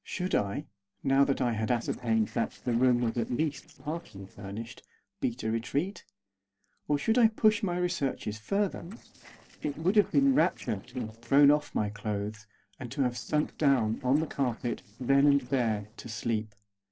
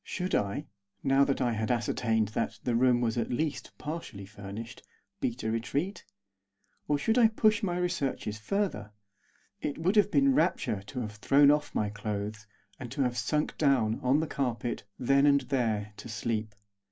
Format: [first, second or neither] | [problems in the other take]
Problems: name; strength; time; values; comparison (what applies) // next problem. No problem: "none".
second | noise reduction (neural separator model SepFormer DNS4)